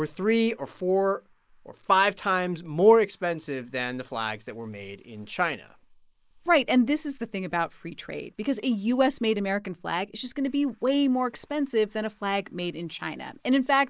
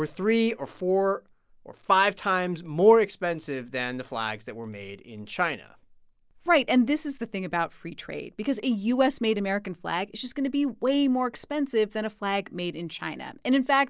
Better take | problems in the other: second | noise reduction (neural mask model Resemble Enhance denoiser)

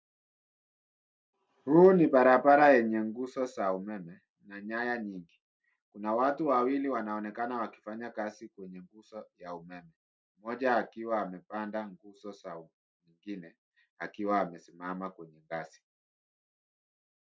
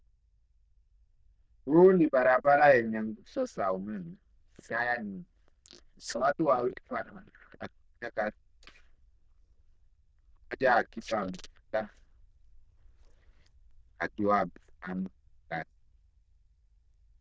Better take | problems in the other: first | noise reduction (neural diffusion model UNIVERSE++)

